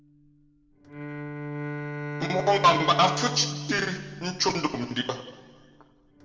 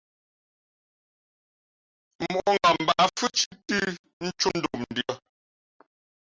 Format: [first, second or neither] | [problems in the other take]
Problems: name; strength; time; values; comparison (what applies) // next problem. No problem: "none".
second | background sound (Bowed string instrument); 8 dB below the speech // room echo; dies away in 1.5 s